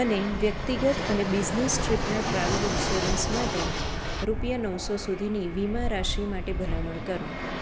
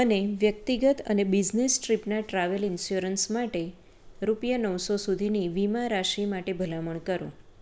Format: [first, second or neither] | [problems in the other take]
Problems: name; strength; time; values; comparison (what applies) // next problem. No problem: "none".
second | background sound (Fixed-wing aircraft, airplane); as loud as the speech